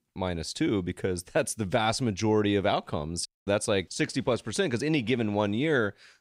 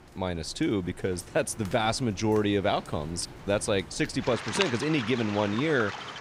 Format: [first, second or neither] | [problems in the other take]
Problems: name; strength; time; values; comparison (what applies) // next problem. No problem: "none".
first | rain or running water; loud; throughout; 10 dB below the speech